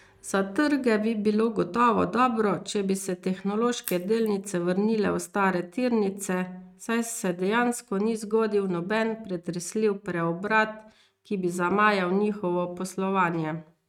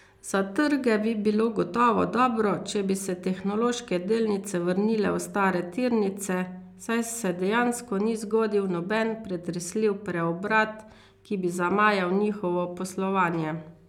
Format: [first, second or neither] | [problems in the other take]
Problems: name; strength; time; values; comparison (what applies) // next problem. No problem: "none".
second | noise reduction (neural mask model RNNoise)